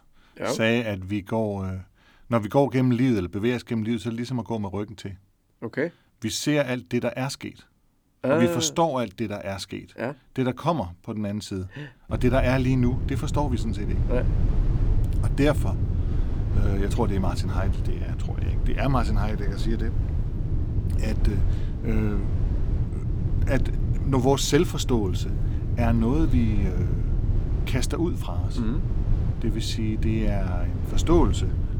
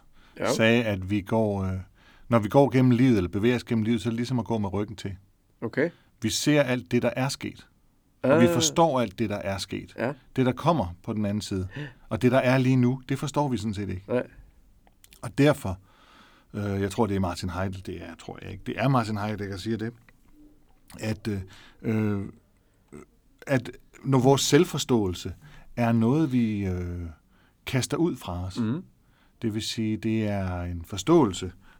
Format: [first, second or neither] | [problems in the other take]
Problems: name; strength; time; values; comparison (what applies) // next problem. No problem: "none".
second | low rumble; noticeable; from 12 s on; 10 dB below the speech